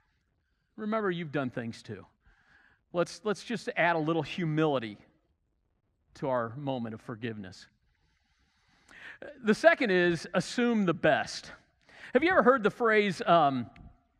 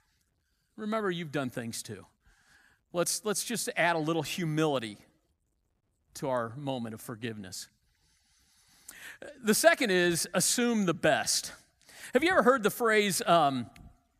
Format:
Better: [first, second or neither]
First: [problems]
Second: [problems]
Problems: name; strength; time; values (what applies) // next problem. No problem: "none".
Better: second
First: muffled; slightly; fading above 3 kHz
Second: none